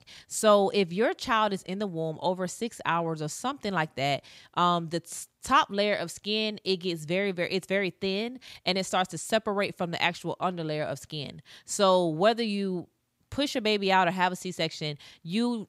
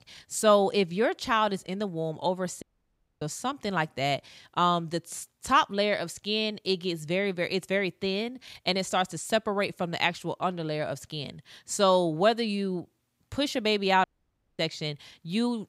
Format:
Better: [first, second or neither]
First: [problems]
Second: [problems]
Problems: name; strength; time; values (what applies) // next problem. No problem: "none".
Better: first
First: none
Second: audio cutting out; at 2.5 s for 0.5 s and at 14 s for 0.5 s